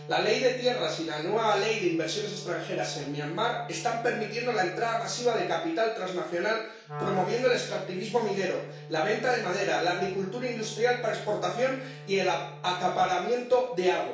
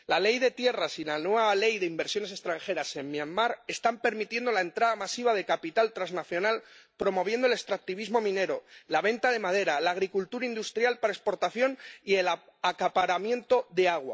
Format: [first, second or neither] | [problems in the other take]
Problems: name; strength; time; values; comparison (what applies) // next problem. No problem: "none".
second | background sound (Wind instrument, woodwind instrument); 15 dB below the speech // room echo; dies away in 0.6 s